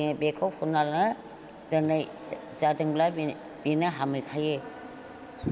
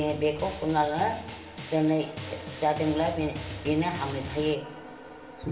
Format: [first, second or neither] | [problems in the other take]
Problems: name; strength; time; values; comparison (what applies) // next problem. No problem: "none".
first | background sound (Drum); 12 dB below the speech // room echo; dies away in 0.7 s